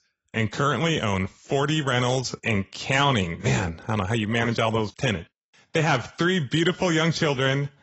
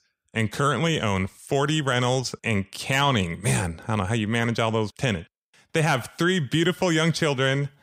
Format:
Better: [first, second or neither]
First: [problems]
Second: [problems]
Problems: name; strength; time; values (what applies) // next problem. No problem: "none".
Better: second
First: garbled, watery; badly; nothing above 8 kHz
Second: none